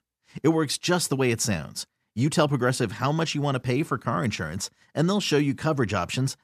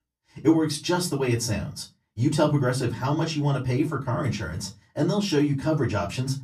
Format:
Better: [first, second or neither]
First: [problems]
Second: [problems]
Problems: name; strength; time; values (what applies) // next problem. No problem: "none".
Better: first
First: none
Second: off-mic speech; far // room echo; very slight; dies away in 0.2 s